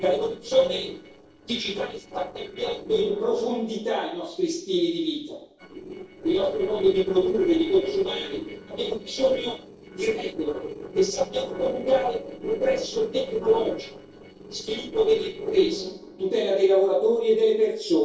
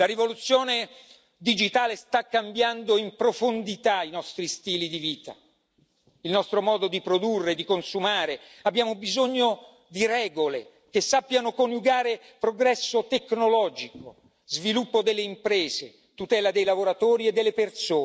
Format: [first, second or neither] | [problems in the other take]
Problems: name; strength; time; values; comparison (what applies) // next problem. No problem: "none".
second | noise reduction (neural separator model SepFormer DNS4)